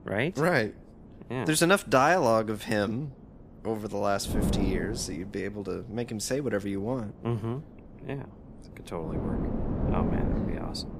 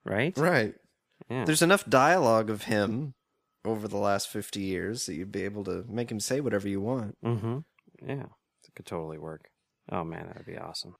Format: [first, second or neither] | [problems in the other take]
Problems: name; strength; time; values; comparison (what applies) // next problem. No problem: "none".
second | wind noise on the microphone; heavy; 9 dB below the speech